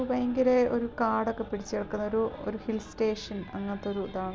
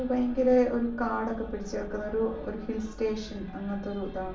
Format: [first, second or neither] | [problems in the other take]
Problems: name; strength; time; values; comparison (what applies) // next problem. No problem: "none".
first | room echo; dies away in 0.4 s